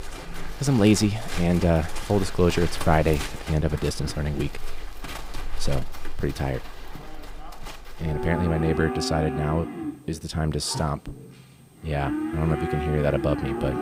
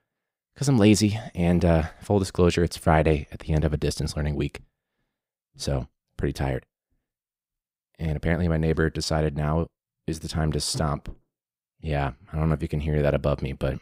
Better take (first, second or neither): second